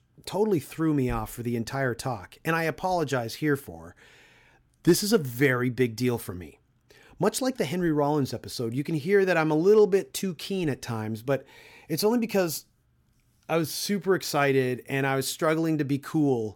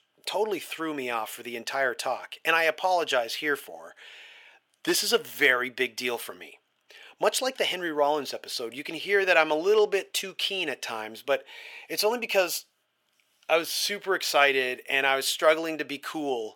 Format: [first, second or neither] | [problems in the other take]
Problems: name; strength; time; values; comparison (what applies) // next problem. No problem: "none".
first | thin; very; fading below 600 Hz